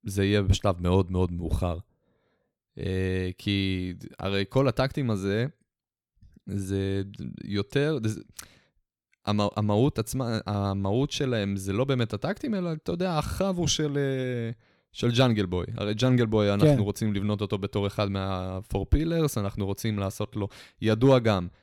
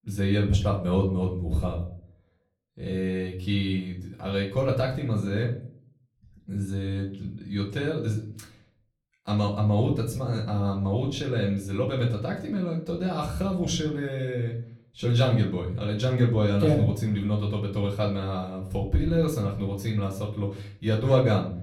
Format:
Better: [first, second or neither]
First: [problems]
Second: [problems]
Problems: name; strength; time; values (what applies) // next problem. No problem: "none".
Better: first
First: none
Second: off-mic speech; far // room echo; slight; dies away in 0.5 s